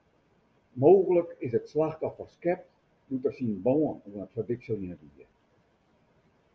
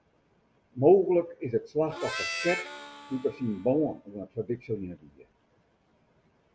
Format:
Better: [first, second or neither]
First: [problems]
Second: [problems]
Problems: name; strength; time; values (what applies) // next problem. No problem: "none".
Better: first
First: none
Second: background sound (Harmonica); 9 dB below the speech